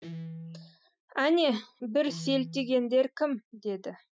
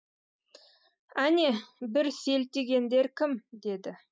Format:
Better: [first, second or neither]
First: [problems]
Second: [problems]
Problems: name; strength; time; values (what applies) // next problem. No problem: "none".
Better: second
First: noise reduction (classical method Wiener filter)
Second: none